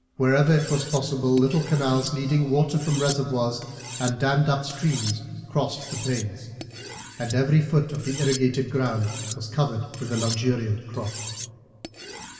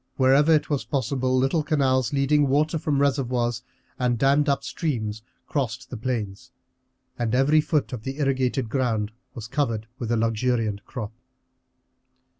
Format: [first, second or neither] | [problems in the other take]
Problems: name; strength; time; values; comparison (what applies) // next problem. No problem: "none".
second | background sound (Cutlery, silverware); 14 dB below the speech // room echo; dies away in 2.1 s